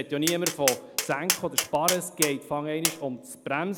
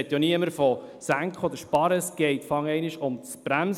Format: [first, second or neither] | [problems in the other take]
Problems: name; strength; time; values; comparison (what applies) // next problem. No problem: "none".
second | background sound (Tap); 3 dB below the speech